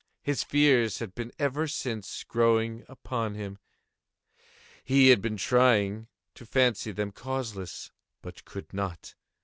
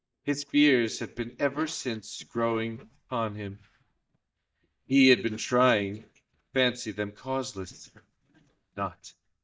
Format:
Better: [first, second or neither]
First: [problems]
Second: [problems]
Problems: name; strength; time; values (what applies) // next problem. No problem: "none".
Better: first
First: none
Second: noise reduction (neural mask model DeepFilterNet 3)